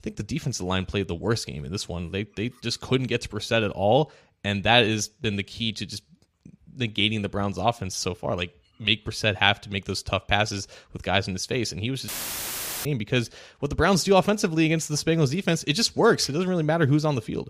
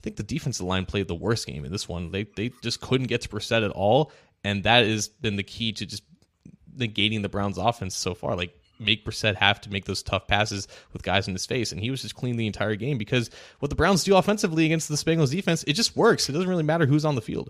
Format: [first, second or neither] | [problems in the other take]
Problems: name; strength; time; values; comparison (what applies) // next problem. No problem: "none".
second | audio cutting out; filled with static; at 12 s for 1 s